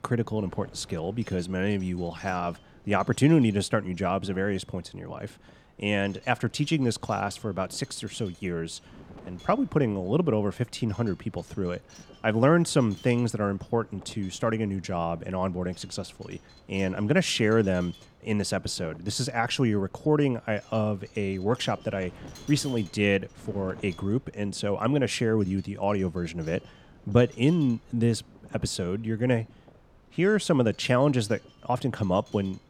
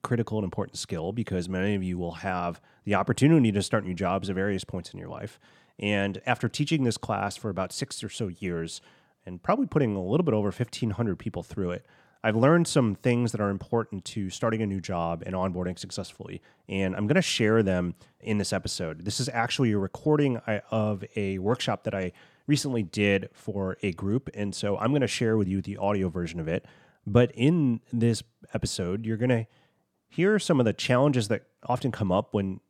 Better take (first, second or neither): second